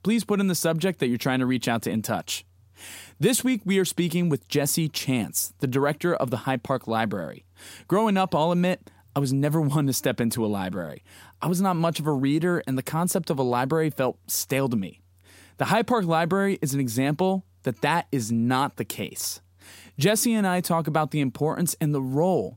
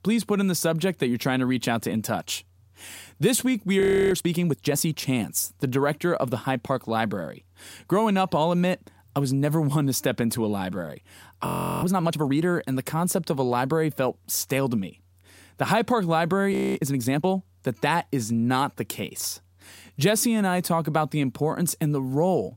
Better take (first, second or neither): first